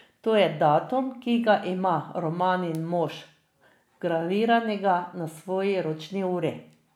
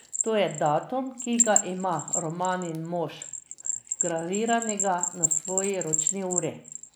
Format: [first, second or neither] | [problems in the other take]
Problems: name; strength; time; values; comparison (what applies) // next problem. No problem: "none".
first | background sound (Bell); 2 dB below the speech